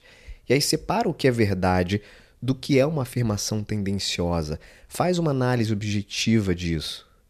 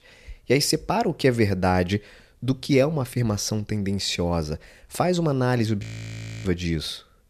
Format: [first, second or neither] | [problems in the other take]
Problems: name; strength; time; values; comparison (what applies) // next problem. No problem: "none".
first | audio freezing; at 6 s for 0.5 s